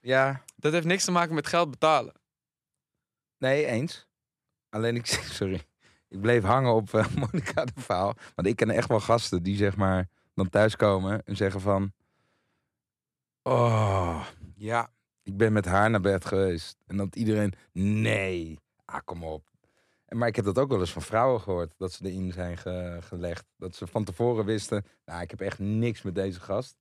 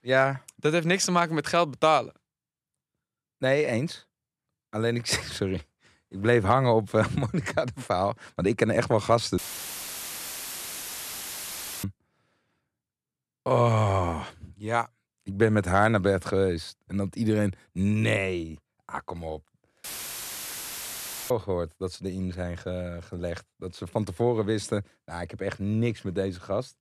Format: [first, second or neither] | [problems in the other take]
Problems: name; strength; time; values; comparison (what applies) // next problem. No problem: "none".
first | audio cutting out; filled with static; at 9.5 s for 2.5 s and at 20 s for 1.5 s